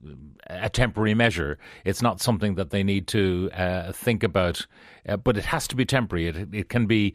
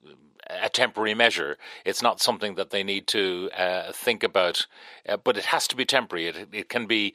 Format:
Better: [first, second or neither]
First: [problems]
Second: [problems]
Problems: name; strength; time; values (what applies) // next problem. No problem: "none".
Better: first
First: none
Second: thin; somewhat; fading below 450 Hz